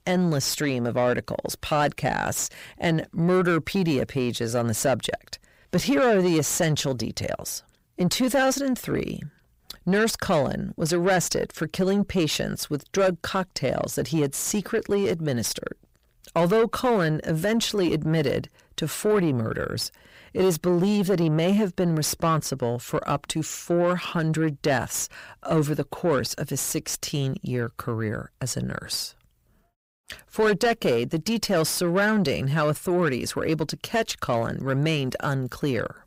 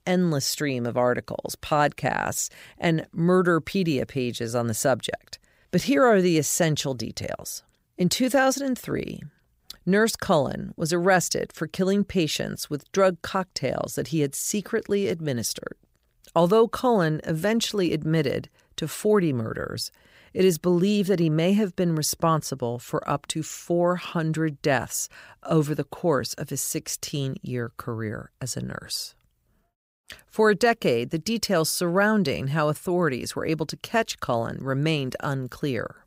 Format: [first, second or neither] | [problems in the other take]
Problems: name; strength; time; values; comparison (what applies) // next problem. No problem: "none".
second | distortion; slight; 10 dB below the speech